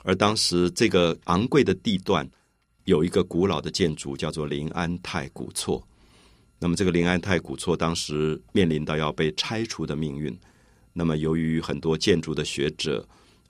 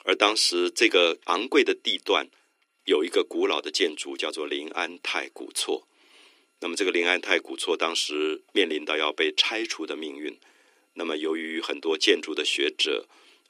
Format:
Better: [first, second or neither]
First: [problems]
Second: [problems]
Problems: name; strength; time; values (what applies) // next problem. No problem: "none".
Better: first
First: none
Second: thin; somewhat; fading below 300 Hz